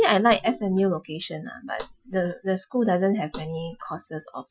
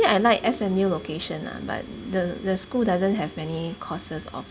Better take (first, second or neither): second